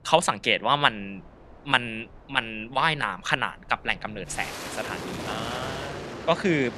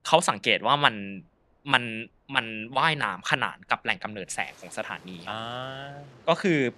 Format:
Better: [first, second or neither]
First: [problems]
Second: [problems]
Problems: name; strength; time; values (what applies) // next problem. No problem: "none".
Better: second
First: train or aircraft noise; loud; throughout; 9 dB below the speech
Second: train or aircraft noise; faint; throughout; 25 dB below the speech